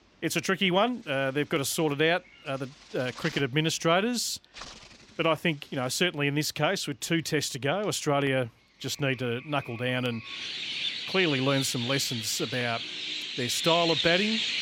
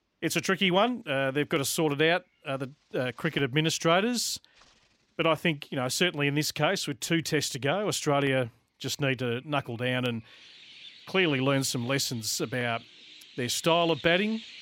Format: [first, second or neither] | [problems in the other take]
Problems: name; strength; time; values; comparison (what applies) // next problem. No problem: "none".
second | animal sounds; loud; throughout; 5 dB below the speech; faint in the second